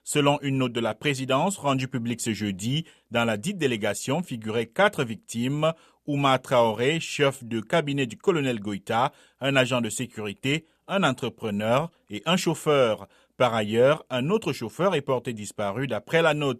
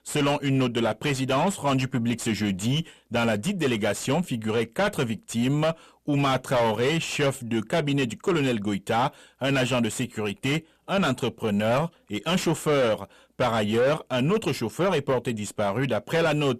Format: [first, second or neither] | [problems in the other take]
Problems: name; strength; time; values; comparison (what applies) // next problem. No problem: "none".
first | distortion; heavy; 8 dB below the speech